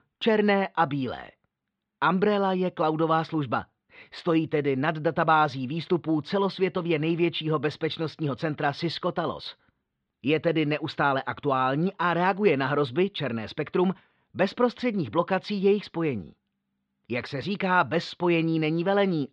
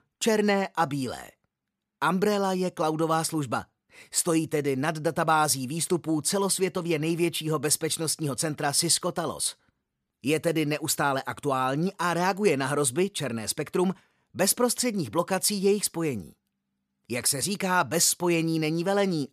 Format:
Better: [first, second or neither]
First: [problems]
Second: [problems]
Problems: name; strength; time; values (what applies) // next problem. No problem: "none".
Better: second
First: muffled; very; fading above 3.5 kHz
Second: none